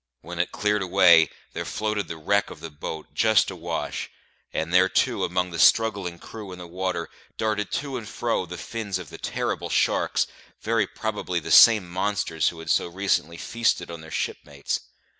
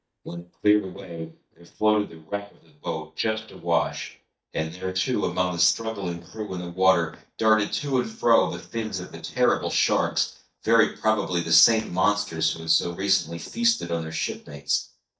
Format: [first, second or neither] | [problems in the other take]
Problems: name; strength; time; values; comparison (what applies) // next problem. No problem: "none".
first | noise reduction (neural mask model DeepFilterNet 3)